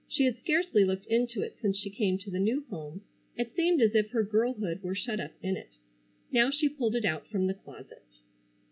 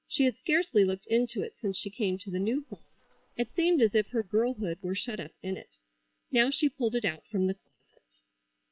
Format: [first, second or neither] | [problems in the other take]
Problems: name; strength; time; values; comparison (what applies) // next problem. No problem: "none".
first | noise reduction (neural separator model SepFormer WHAM!)